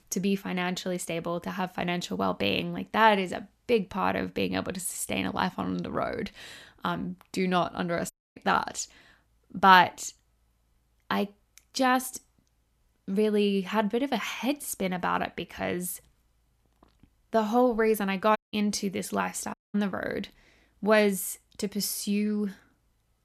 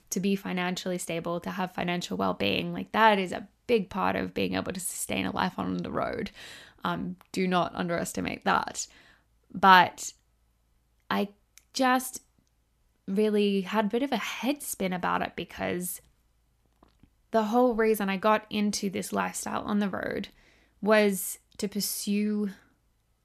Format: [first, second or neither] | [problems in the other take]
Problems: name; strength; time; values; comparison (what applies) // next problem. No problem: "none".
second | audio cutting out; at 8 s, at 18 s and at 20 s